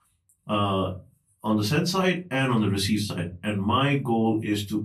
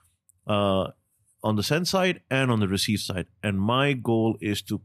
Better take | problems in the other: second | off-mic speech; far // room echo; very slight; dies away in 0.3 s

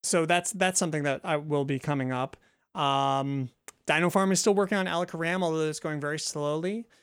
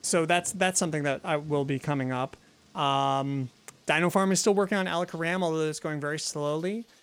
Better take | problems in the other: first | rain or running water; faint; throughout; 30 dB below the speech

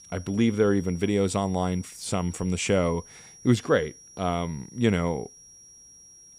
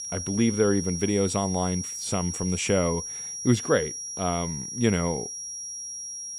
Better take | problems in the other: first | high-pitched whine; loud; throughout; 5.5 kHz, 6 dB below the speech; faint in the first

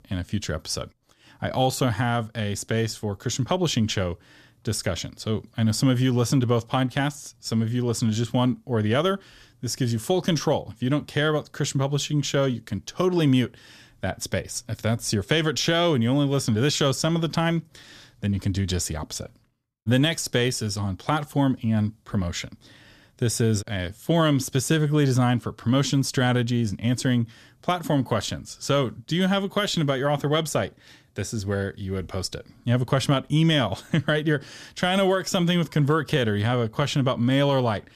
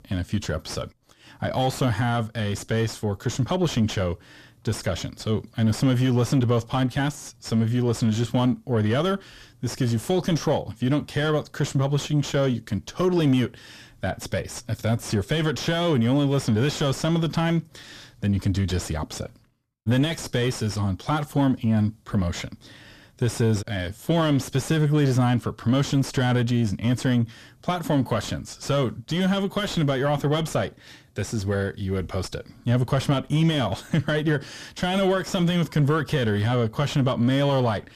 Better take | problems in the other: first | distortion; slight; 9 dB below the speech

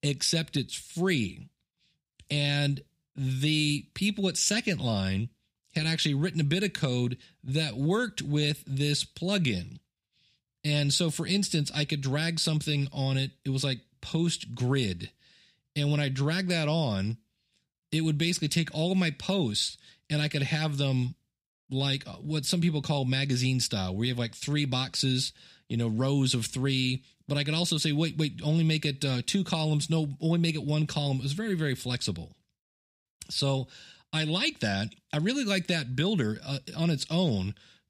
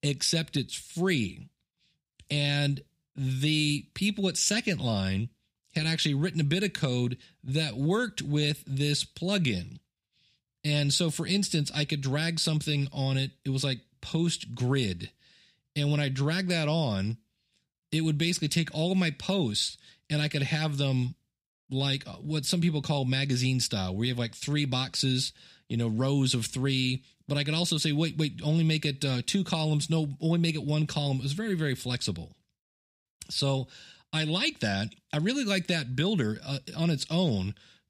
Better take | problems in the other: neither | none

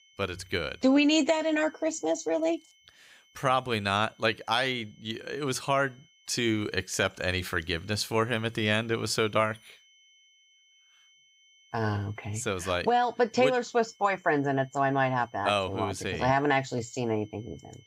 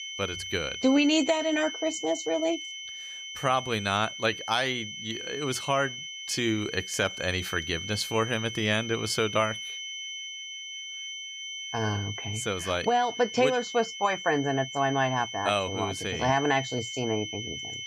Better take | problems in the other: first | high-pitched whine; loud; throughout; 3 kHz, 8 dB below the speech; faint in the first

